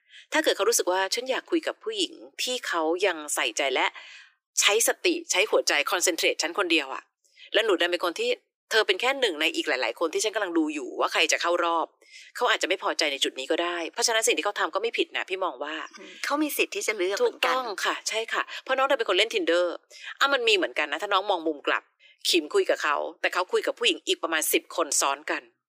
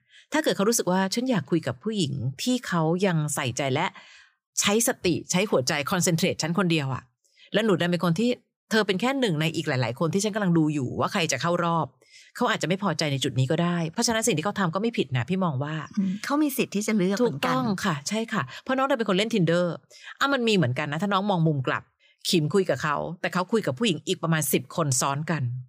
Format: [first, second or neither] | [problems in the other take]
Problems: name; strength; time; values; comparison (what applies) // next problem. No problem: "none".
second | thin; very; fading below 300 Hz